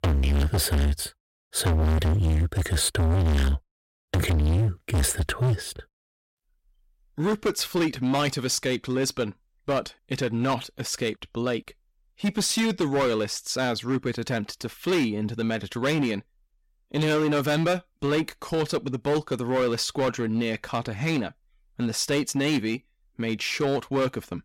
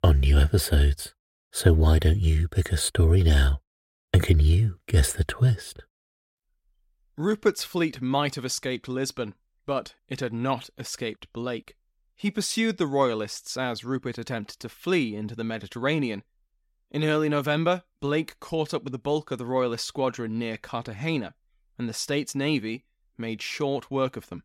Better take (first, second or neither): second